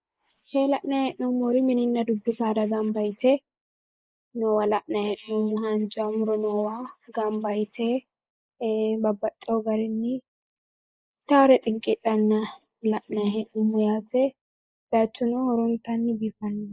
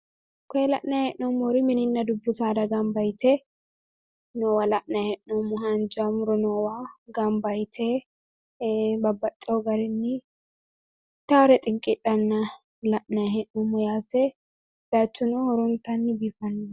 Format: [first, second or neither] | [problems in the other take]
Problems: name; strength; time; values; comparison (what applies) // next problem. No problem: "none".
second | noise reduction (neural mask model Resemble Enhance denoiser)